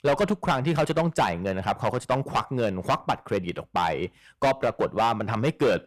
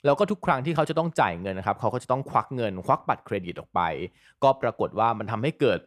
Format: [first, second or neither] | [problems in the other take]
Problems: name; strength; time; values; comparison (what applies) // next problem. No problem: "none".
second | distortion; heavy; 8% of the sound clipped